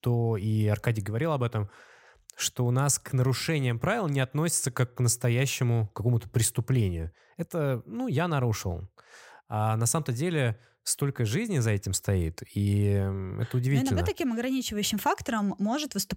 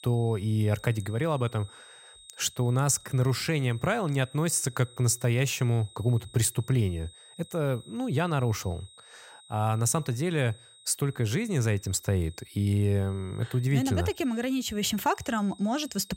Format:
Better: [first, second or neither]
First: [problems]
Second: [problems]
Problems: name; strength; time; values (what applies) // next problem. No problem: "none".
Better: first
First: none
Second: high-pitched whine; faint; throughout; 4 kHz, 25 dB below the speech